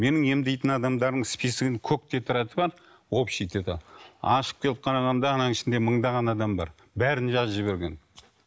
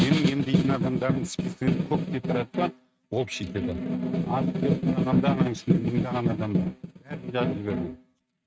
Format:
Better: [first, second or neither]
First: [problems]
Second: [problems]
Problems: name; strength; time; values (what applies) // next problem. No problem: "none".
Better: first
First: none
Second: noise reduction (neural mask model RNNoise)